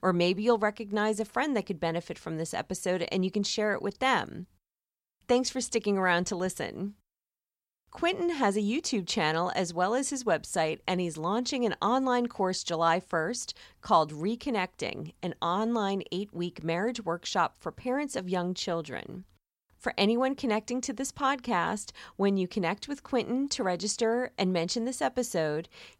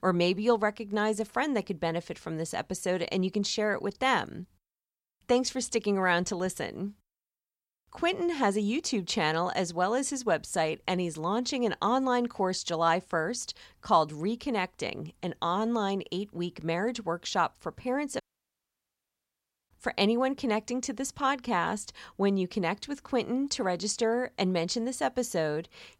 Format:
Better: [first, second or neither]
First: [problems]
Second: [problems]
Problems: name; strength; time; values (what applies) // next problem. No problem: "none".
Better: first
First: none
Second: audio cutting out; at 18 s for 1.5 s